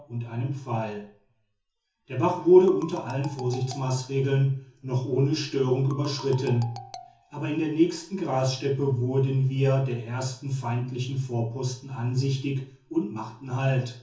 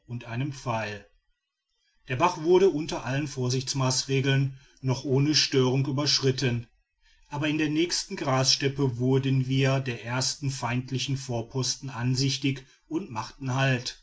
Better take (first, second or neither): second